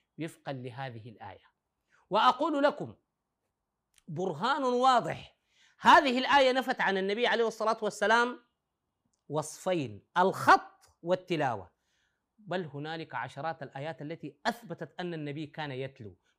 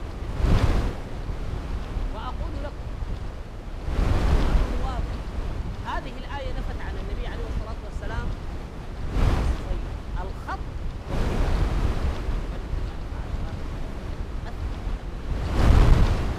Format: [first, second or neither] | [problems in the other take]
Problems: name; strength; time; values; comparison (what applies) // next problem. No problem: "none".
first | wind noise on the microphone; heavy; 3 dB above the speech